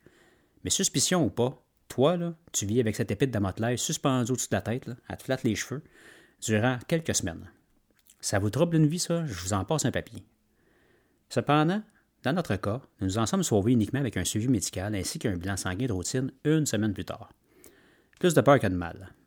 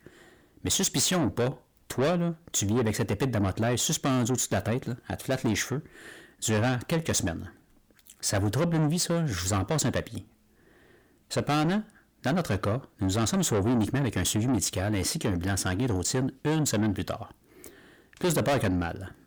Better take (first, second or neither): first